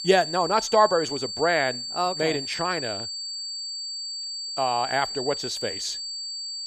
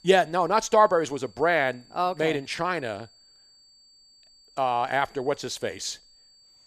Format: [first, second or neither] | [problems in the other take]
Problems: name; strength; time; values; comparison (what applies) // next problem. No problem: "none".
second | high-pitched whine; loud; throughout; 4.5 kHz, 5 dB below the speech; faint in the second